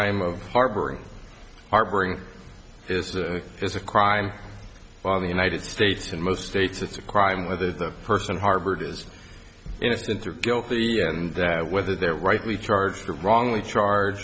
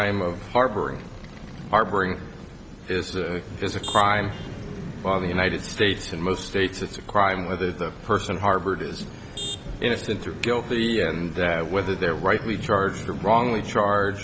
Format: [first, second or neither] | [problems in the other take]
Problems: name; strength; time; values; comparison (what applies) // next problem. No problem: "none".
first | background sound (Motor vehicle (road) + Boat, Water vehicle); 13 dB below the speech